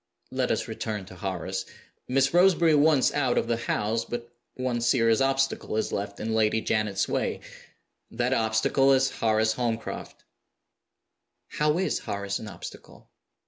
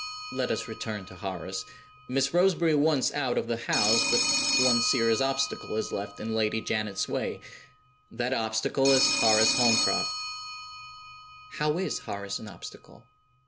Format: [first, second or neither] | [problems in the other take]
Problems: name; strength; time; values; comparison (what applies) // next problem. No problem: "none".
first | background sound (Telephone); 3 dB below the speech